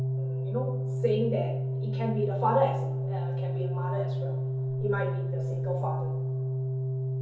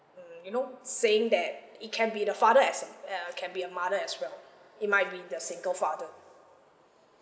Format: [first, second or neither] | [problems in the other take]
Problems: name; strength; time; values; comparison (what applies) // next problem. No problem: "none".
second | background sound (Organ); 3 dB above the speech // room echo; dies away in 0.5 s